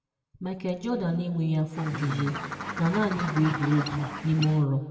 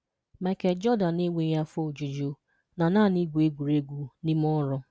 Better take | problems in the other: second | background sound (Bird); 7 dB below the speech // room echo; dies away in 1.5 s

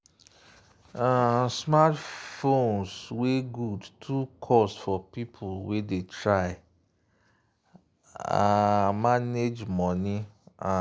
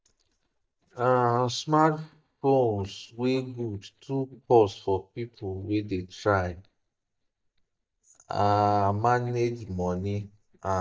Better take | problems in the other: first | noise reduction (neural mask model DeepFilterNet 3)

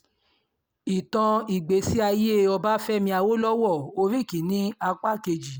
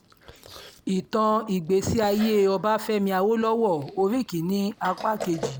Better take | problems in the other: first | background sound (Chewing, mastication); 17 dB below the speech

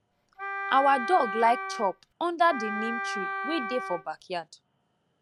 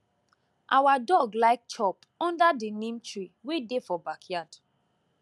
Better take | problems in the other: second | background sound (Wind instrument, woodwind instrument); 6 dB below the speech

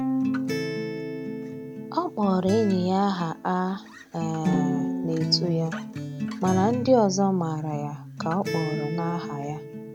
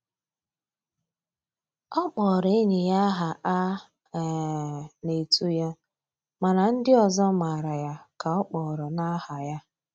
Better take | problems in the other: second | background sound (Acoustic guitar + Bowed string instrument); 4 dB below the speech

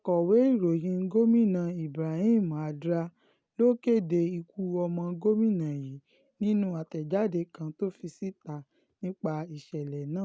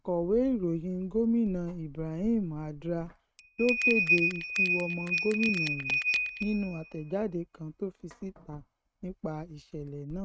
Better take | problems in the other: first | noise reduction (neural mask model RNNoise)

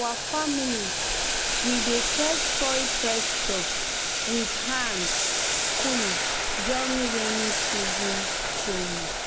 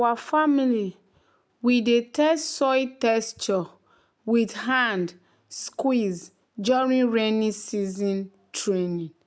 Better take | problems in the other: second | background sound (Boiling); 5 dB above the speech

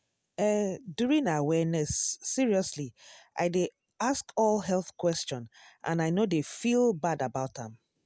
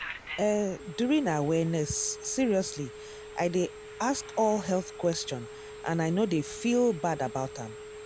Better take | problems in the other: first | background sound (Telephone); 14 dB below the speech

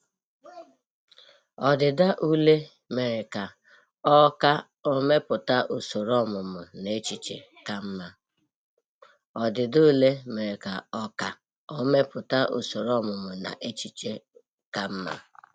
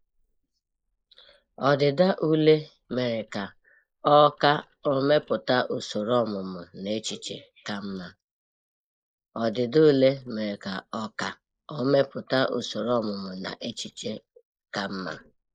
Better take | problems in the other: first | noise reduction (neural mask model Resemble Enhance denoiser)

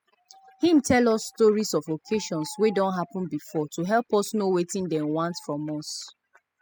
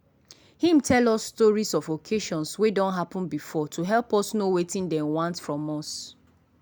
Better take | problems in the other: second | noise reduction (classical method spectral subtraction)

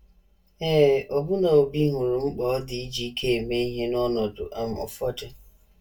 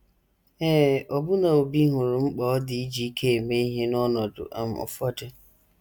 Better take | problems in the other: second | room echo; dies away in 0.1 s

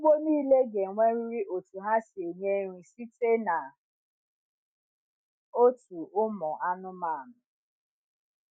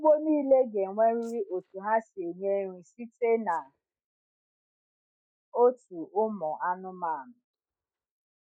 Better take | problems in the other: first | noise reduction (neural mask model DeepFilterNet 3)

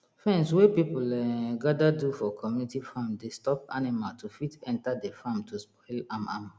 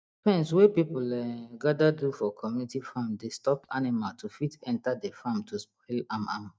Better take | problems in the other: first | noise reduction (neural mask model DeepFilterNet 3)

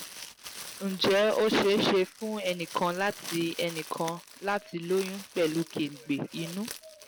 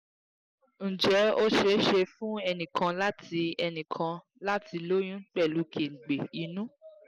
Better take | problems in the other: second | background sound (Crumpling, crinkling); 15 dB below the speech

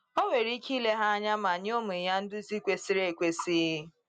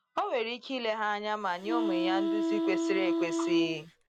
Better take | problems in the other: first | background sound (Wind instrument, woodwind instrument); 2 dB above the speech

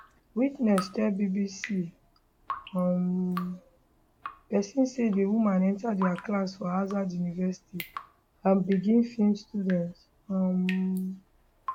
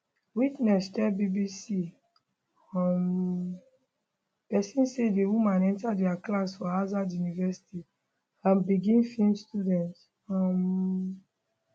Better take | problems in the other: second | background sound (Drip); 16 dB below the speech

